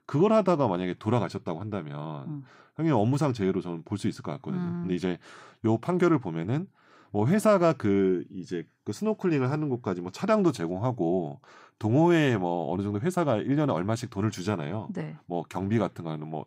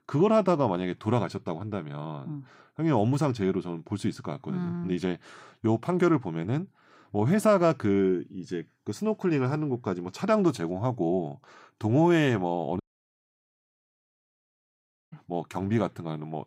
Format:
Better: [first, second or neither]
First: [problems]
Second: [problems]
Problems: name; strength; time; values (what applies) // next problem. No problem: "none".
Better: first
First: none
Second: audio cutting out; at 13 s for 2.5 s